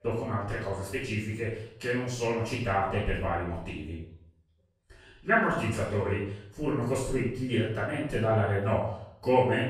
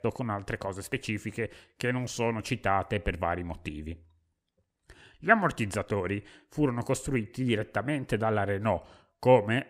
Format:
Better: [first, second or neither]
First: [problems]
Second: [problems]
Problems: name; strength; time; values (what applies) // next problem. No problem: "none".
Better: second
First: off-mic speech; far // room echo; noticeable; dies away in 0.6 s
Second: none